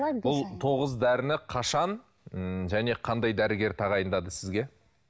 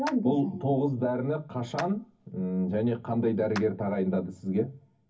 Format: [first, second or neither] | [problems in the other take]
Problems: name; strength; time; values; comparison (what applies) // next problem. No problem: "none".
first | background sound (Clapping); 18 dB below the speech // room echo; dies away in 0.3 s